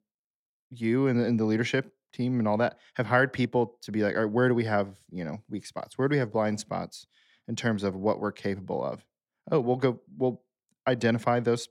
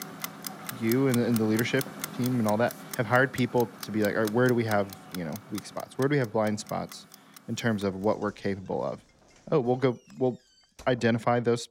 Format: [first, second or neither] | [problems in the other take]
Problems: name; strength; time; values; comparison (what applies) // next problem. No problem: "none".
first | household noises; noticeable; throughout; 10 dB below the speech